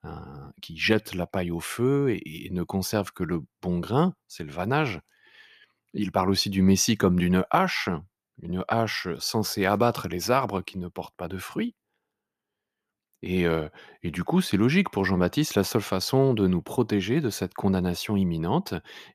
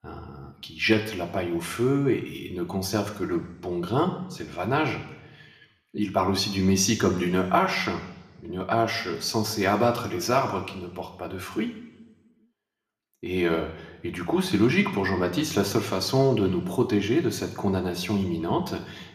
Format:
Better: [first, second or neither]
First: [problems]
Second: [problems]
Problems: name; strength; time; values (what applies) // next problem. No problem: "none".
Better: first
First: none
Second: room echo; slight; dies away in 0.9 s